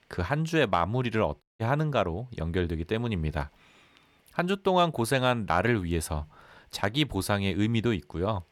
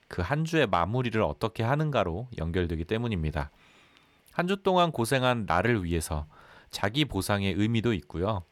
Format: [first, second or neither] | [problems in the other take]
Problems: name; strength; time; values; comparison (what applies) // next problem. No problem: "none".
second | audio cutting out; at 1.5 s